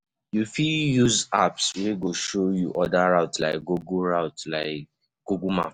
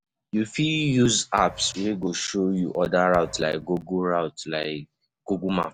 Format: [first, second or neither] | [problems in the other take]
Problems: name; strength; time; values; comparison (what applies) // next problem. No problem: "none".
first | background sound (Thump, thud); 20 dB below the speech